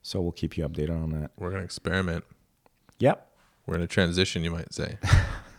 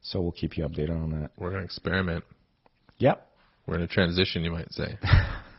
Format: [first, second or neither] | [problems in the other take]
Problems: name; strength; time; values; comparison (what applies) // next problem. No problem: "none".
first | garbled, watery; badly; nothing above 5.5 kHz